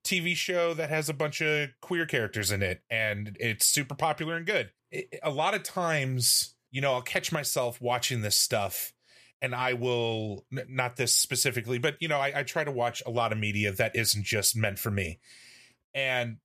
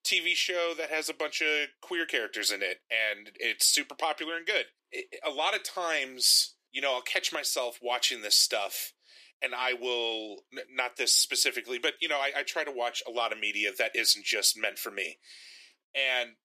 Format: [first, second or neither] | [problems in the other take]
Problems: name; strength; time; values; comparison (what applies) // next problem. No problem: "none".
first | thin; very; fading below 300 Hz